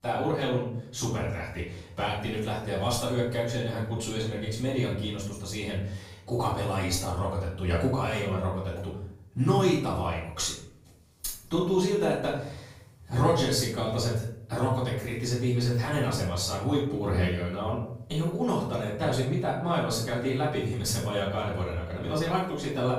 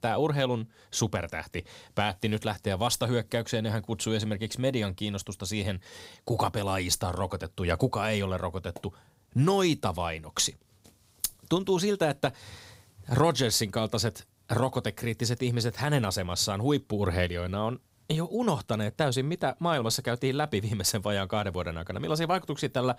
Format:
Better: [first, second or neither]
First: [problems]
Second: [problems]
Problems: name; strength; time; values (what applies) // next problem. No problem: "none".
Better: second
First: off-mic speech; far // room echo; noticeable; dies away in 0.6 s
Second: none